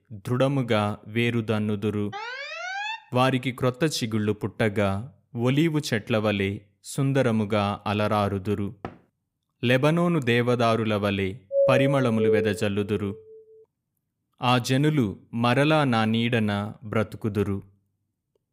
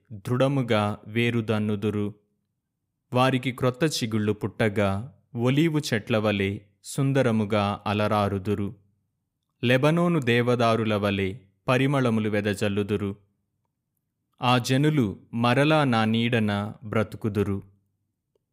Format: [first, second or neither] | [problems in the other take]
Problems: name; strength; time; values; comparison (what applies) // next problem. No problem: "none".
second | alarm; noticeable; at 2 s; peak 5 dB below the speech // door banging; faint; at 9 s; peak 15 dB below the speech // doorbell; loud; from 12 to 13 s; peak 2 dB above the speech